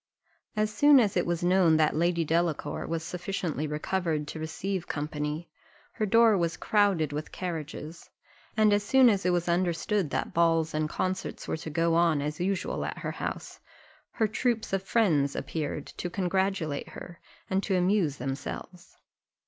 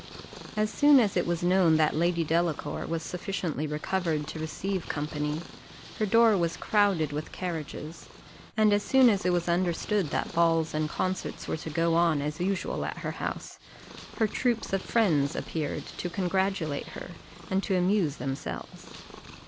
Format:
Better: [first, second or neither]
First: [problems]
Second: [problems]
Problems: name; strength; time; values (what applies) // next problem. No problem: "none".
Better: first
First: none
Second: background sound (Purr); 17 dB below the speech